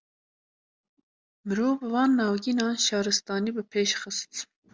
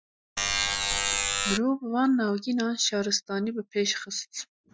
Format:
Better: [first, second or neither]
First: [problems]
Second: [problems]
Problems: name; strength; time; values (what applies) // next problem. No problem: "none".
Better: first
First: none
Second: noise reduction (classical method Wiener filter)